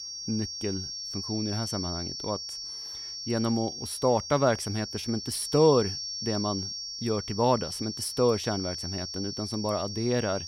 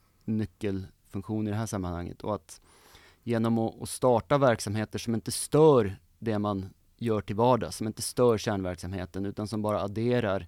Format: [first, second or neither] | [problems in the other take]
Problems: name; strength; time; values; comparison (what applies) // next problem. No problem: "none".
second | high-pitched whine; loud; throughout; 5.5 kHz, 5 dB below the speech